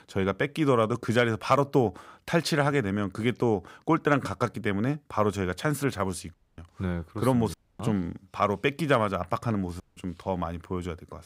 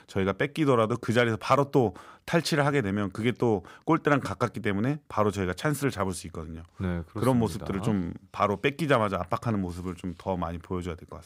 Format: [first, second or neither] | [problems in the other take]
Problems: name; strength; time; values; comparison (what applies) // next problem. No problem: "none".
second | audio cutting out; at 6.5 s, at 7.5 s and at 10 s